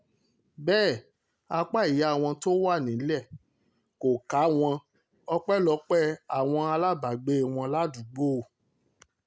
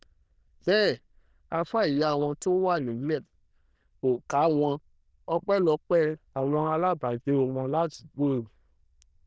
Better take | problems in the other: first | noise reduction (neural diffusion model UNIVERSE++)

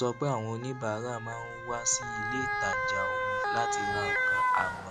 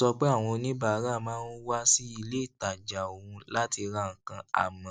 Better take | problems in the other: second | background sound (Motor vehicle (road) / Siren); 3 dB above the speech

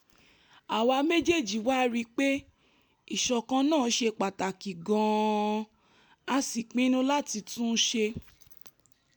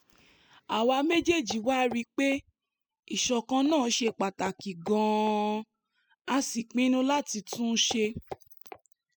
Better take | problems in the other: first | noise reduction (classical method spectral subtraction)

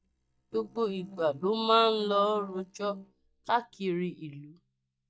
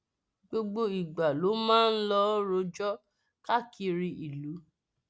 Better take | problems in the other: second | noise reduction (neural mask model DeepFilterNet 3)

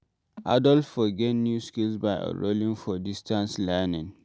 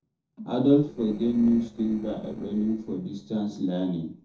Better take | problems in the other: first | noise reduction (neural separator model SepFormer DNS4)

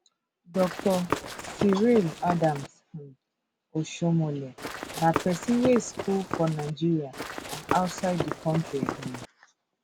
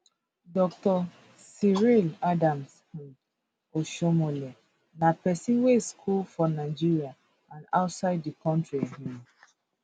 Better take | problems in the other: second | background sound (Run); 7 dB below the speech

